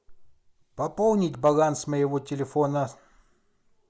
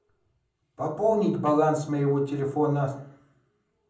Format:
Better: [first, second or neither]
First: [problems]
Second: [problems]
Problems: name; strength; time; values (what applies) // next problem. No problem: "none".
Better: first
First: none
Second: room echo; dies away in 0.6 s